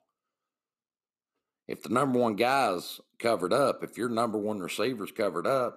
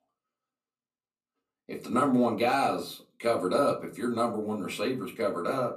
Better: first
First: none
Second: off-mic speech; far // room echo; very slight; dies away in 0.2 s

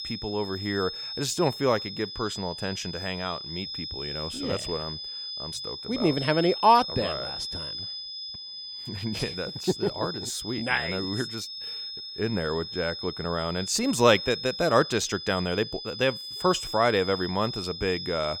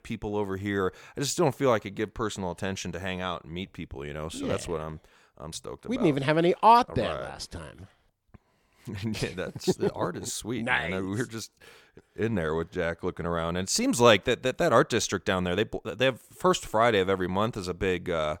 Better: second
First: high-pitched whine; loud; throughout; 5 kHz, 7 dB below the speech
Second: none

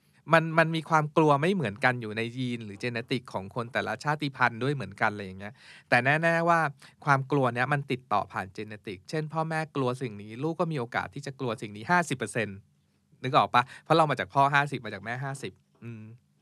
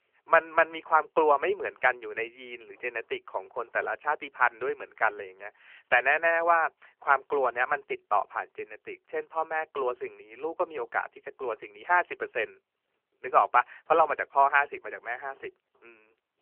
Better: first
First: none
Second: phone-call audio

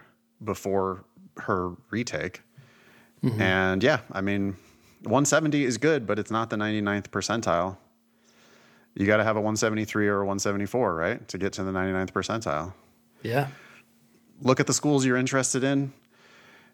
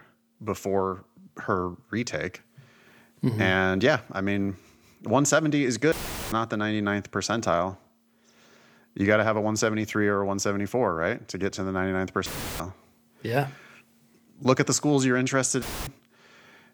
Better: first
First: none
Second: audio cutting out; filled with static; at 6 s, at 12 s and at 16 s

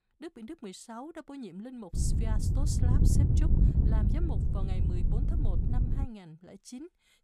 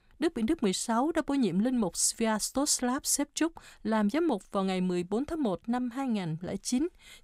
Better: second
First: wind noise on the microphone; heavy; from 2 to 6 s; 3 dB above the speech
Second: none

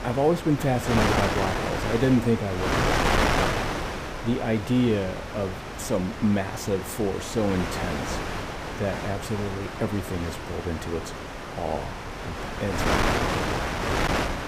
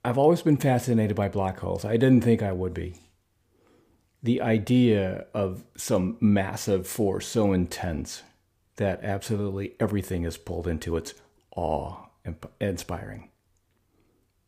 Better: second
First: wind noise on the microphone; heavy; 2 dB above the speech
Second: none

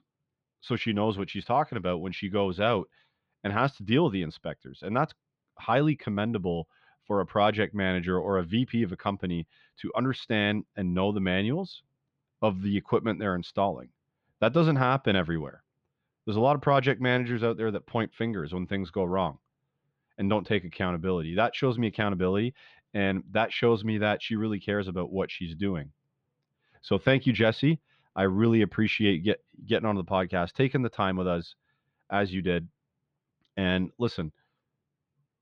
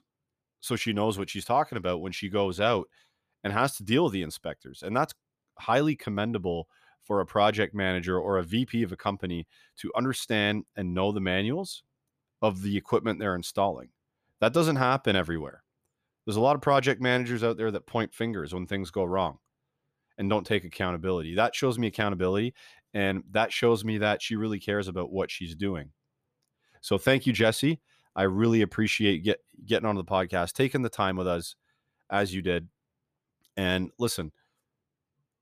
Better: second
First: muffled; slightly; fading above 4 kHz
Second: none

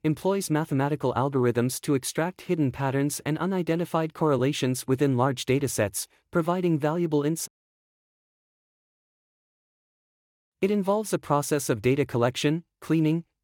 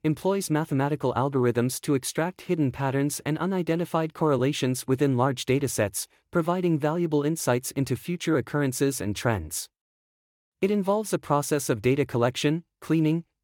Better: second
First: audio cutting out; at 7.5 s for 2.5 s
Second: none

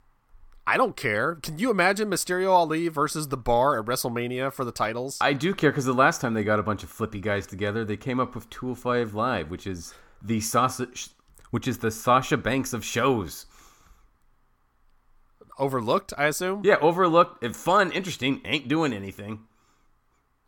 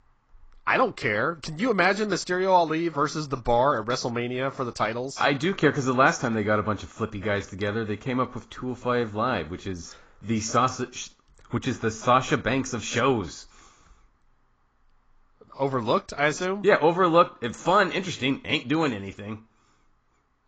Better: first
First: none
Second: garbled, watery; badly; nothing above 7.5 kHz

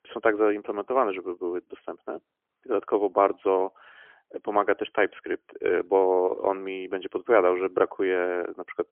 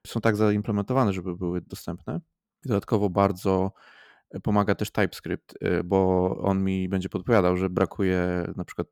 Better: second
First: phone-call audio; poor line; nothing above 3.5 kHz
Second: none

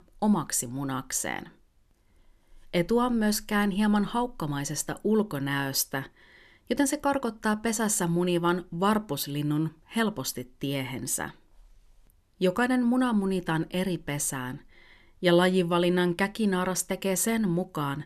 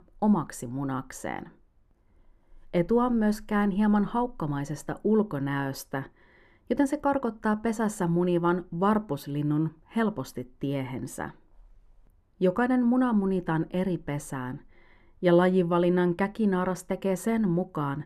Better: first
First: none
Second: muffled; slightly; fading above 2 kHz

